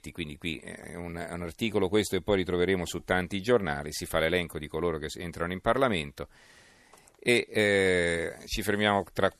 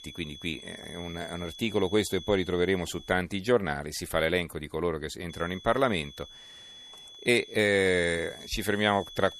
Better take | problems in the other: first | high-pitched whine; noticeable; until 3 s and from 5.5 s on; 3.5 kHz, 15 dB below the speech

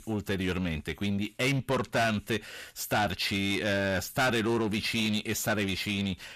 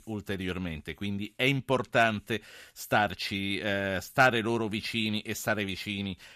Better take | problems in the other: second | distortion; heavy; 6 dB below the speech

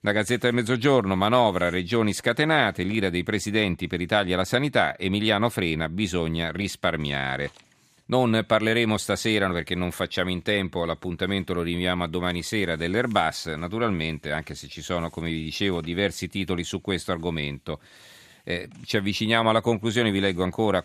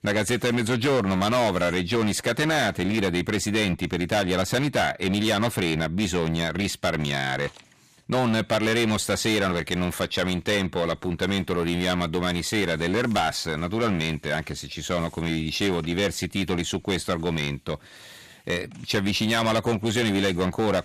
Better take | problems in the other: first | distortion; heavy; 13% of the sound clipped

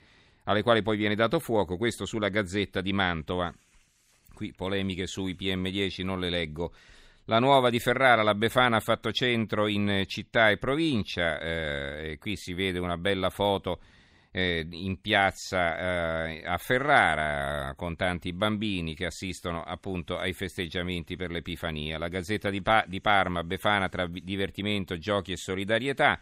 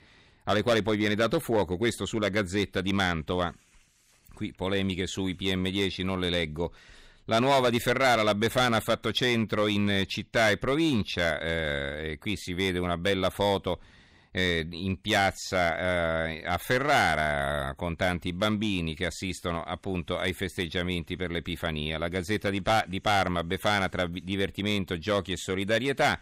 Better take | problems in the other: first | distortion; slight; 4% of the sound clipped

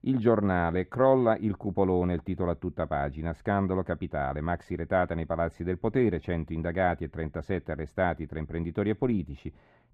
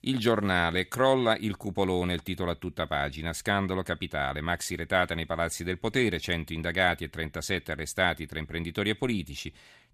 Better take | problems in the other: second | muffled; very; fading above 2.5 kHz

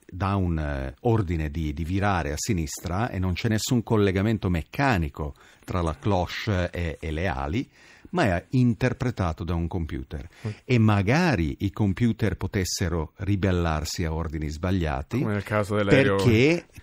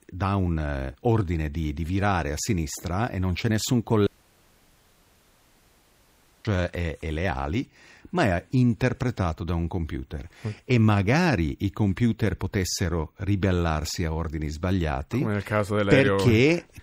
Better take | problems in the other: first | audio cutting out; at 4 s for 2.5 s

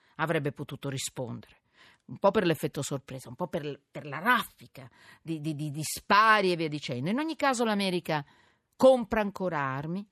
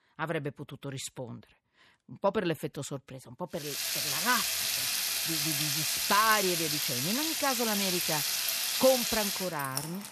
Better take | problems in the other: first | household noises; very loud; from 3.5 s on; 3 dB above the speech

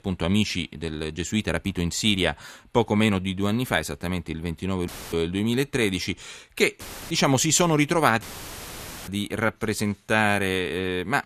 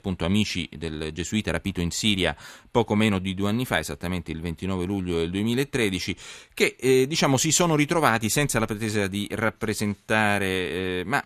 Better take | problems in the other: second | audio cutting out; filled with static; at 5 s, at 7 s and at 8 s for 1 s

